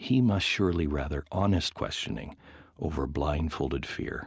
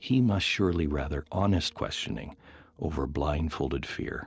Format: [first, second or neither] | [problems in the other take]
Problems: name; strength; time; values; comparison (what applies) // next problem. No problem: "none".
first | noise reduction (neural separator model SepFormer DNS4)